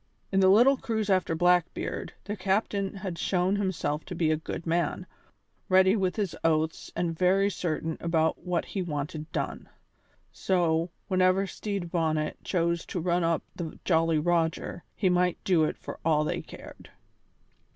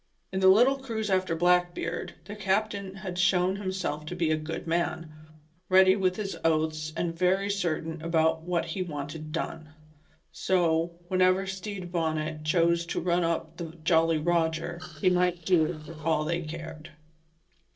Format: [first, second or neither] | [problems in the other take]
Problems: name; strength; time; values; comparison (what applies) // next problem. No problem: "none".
first | noise reduction (neural separator model SepFormer DNS4)